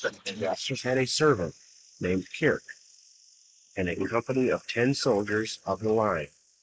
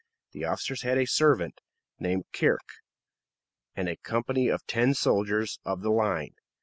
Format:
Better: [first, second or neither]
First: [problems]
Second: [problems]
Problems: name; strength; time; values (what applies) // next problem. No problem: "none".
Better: second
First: noise reduction (neural mask model Resemble Enhance denoiser)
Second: none